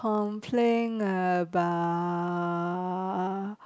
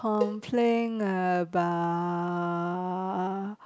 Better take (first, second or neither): first